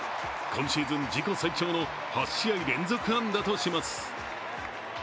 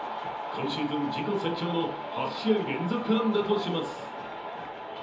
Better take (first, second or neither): first